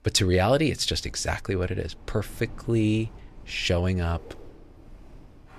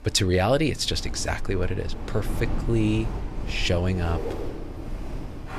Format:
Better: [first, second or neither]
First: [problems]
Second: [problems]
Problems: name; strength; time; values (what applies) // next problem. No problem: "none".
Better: first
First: wind in the background; faint; throughout; 25 dB below the speech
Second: wind in the background; loud; throughout; 9 dB below the speech